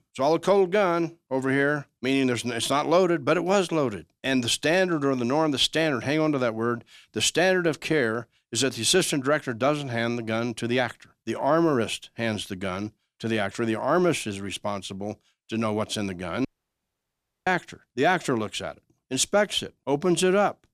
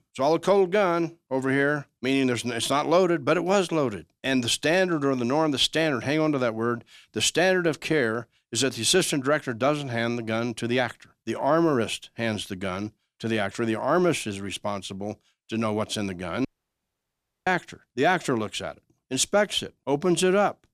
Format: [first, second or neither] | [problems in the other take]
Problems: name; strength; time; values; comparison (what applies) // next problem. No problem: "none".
neither | audio cutting out; at 16 s for 1 s; the same in both